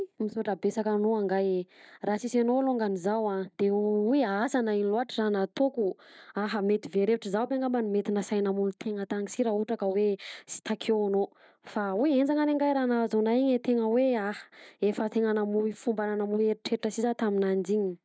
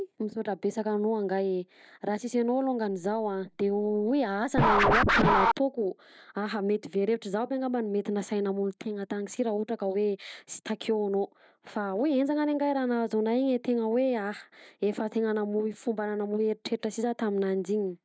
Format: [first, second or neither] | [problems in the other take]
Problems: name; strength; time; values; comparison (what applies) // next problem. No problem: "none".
first | background sound (Scratching (performance technique)); 2 dB above the speech